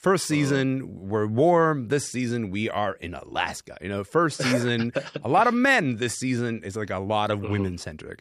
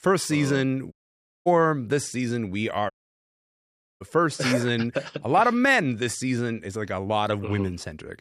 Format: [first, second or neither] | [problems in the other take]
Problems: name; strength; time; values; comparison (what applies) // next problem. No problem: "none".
first | audio cutting out; at 1 s for 0.5 s and at 3 s for 1 s